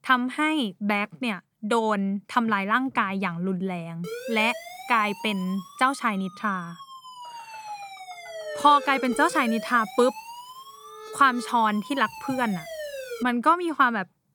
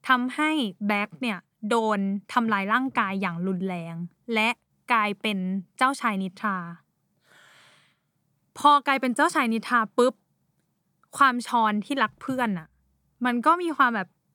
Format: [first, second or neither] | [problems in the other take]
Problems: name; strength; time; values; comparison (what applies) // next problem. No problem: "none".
second | siren; noticeable; from 4 to 13 s; peak 10 dB below the speech